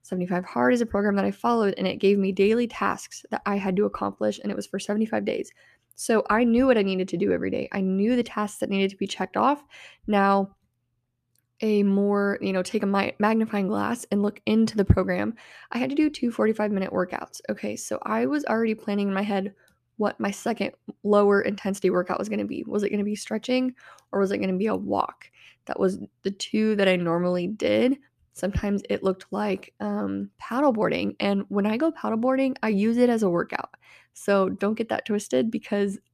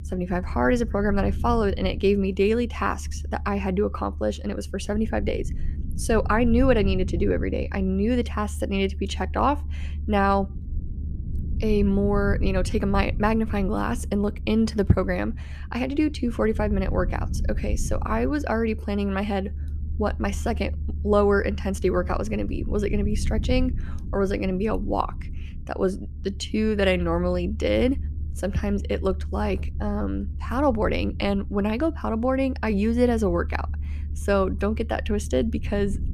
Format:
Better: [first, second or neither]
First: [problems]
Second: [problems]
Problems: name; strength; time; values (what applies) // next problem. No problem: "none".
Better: first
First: none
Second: low rumble; faint; throughout; 20 dB below the speech